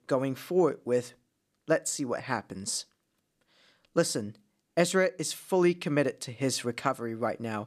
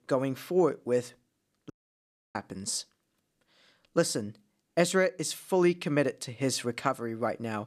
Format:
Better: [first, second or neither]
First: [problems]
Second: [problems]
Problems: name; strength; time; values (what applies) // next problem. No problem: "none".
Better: first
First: none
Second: audio cutting out; at 1.5 s for 0.5 s